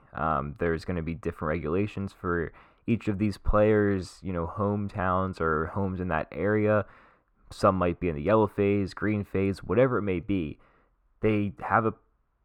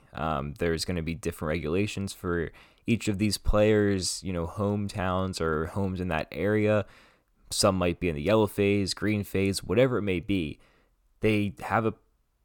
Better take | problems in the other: second | muffled; very; fading above 3 kHz

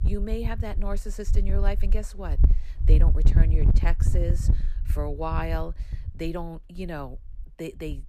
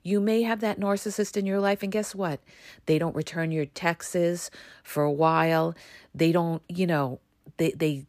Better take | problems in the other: second | wind noise on the microphone; heavy; 7 dB below the speech

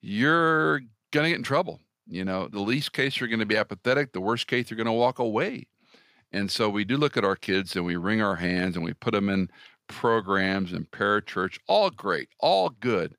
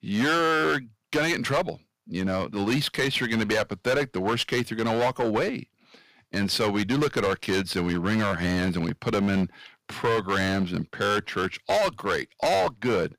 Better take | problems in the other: first | distortion; heavy; 12% of the sound clipped

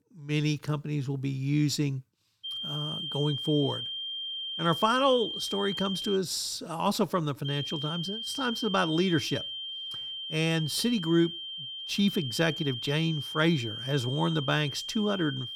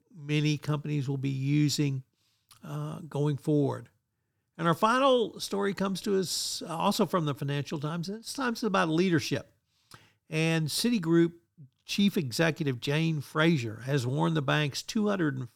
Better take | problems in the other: second | high-pitched whine; loud; from 2.5 to 6 s and from 7.5 s on; 3 kHz, 5 dB below the speech

